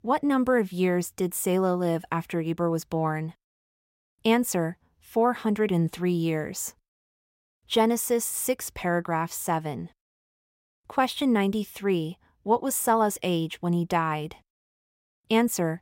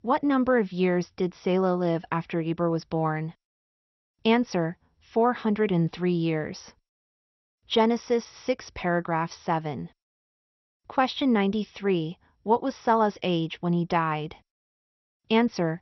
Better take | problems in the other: first | garbled, watery; slightly; nothing above 6 kHz

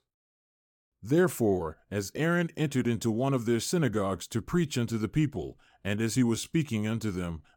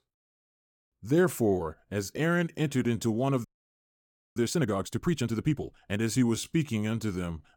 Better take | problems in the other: first | audio freezing; at 3.5 s for 1 s

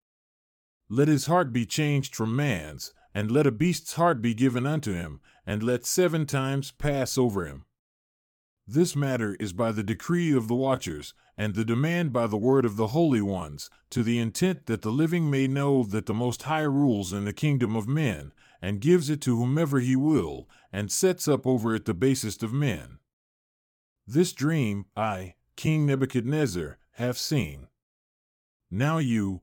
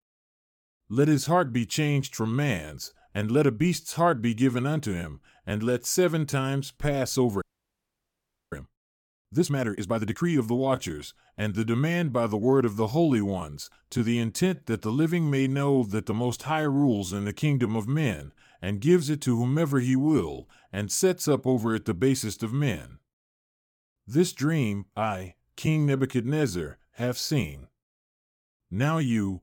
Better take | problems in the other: first | audio freezing; at 7.5 s for 1 s

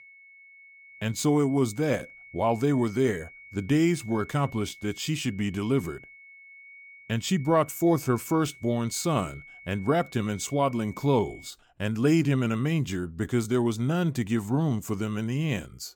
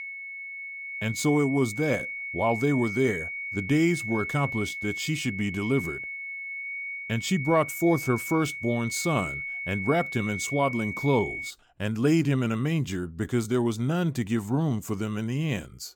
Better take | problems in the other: first | high-pitched whine; loud; until 12 s; 2 kHz, 6 dB below the speech; faint in the first

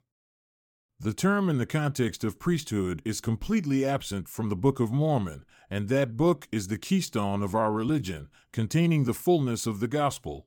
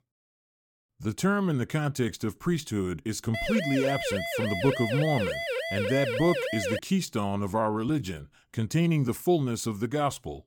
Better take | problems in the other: first | siren; noticeable; from 3.5 to 7 s; peak 1 dB below the speech

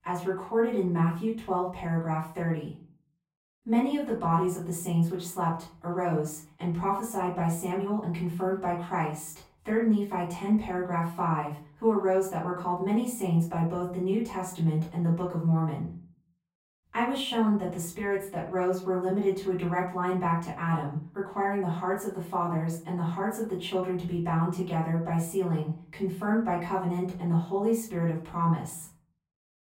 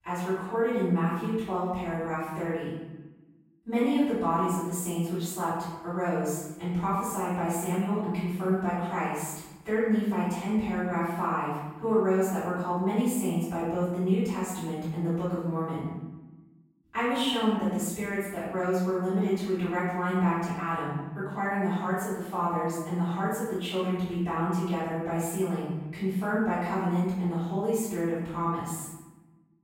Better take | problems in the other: first | room echo; strong; dies away in 0.9 s; slight in the first // off-mic speech; far; far in the first

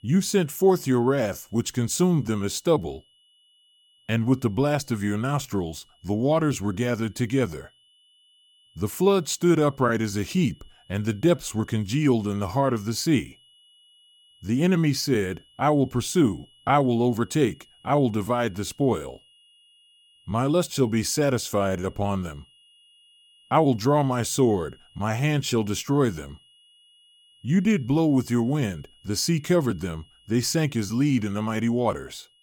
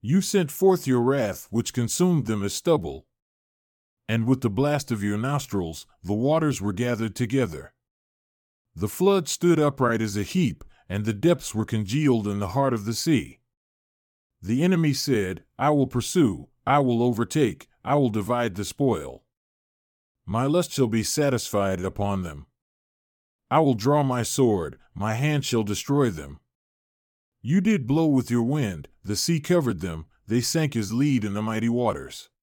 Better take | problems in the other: second | high-pitched whine; faint; throughout; 3 kHz, 30 dB below the speech

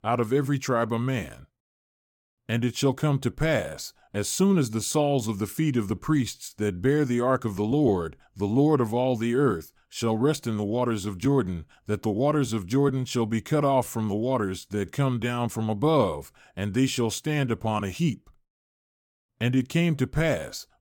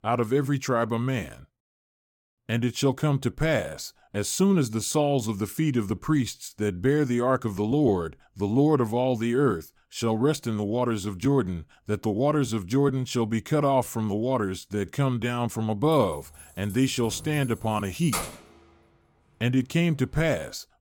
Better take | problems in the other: first | jangling keys; noticeable; from 16 to 18 s; peak 5 dB below the speech

